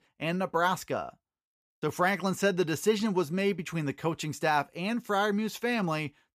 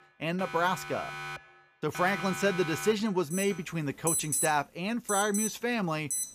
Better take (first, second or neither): first